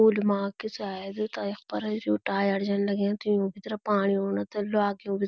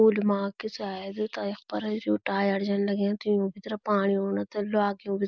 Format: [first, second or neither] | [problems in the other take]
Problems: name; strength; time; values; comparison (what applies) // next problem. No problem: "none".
first | noise reduction (neural mask model Resemble Enhance denoiser)